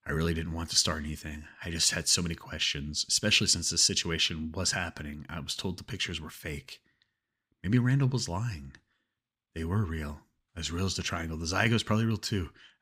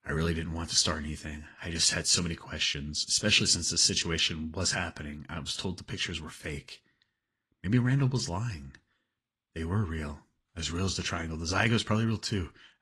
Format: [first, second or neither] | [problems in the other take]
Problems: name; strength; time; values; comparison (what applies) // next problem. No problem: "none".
first | garbled, watery; slightly